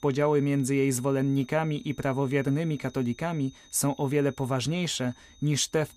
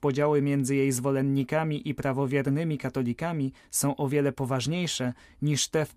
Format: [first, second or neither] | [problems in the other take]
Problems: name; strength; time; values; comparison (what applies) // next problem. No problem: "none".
second | high-pitched whine; faint; throughout; 3.5 kHz, 25 dB below the speech